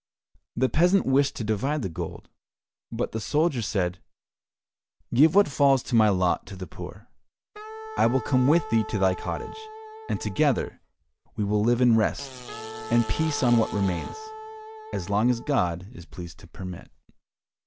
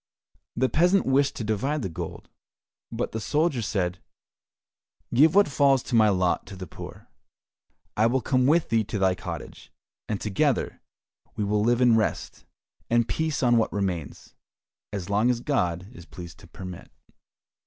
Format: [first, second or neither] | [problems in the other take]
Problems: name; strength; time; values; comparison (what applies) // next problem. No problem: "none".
second | background sound (Fart + Wind instrument, woodwind instrument); 13 dB below the speech